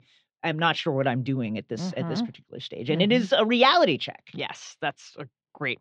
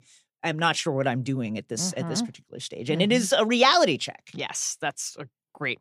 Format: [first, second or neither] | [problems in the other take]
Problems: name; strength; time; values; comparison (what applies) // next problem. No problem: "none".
second | muffled; slightly; fading above 4 kHz